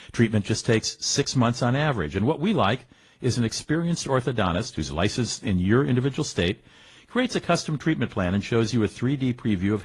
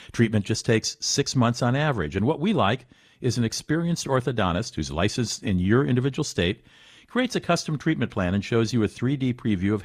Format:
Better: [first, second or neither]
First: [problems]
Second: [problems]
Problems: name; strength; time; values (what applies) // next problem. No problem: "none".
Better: second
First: garbled, watery; slightly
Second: none